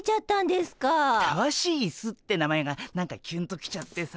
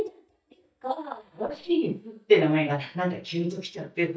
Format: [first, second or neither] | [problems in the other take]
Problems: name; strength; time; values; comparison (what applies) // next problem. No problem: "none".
first | noise reduction (neural mask model DeepFilterNet 3)